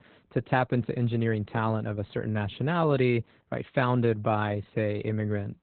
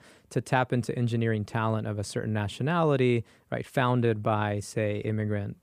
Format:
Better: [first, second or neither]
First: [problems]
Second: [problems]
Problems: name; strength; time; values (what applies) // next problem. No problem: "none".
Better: second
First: garbled, watery; badly; nothing above 4 kHz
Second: none